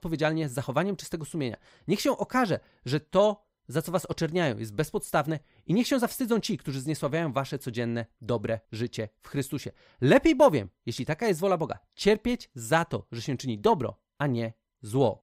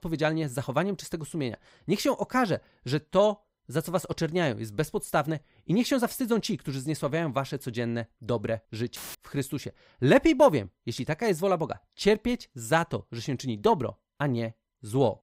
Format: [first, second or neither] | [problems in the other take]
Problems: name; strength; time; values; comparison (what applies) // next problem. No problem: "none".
first | audio cutting out; filled with static; at 9 s